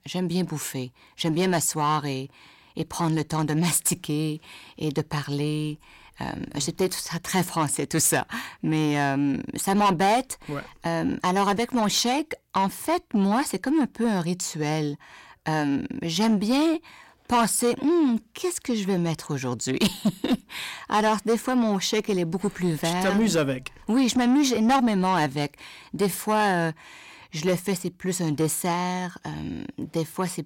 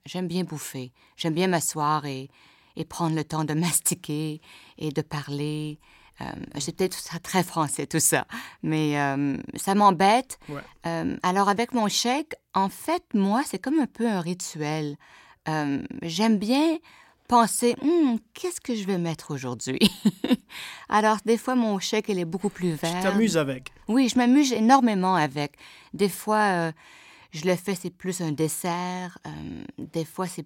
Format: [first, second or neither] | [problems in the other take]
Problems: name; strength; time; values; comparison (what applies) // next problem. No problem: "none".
second | distortion; slight; 10 dB below the speech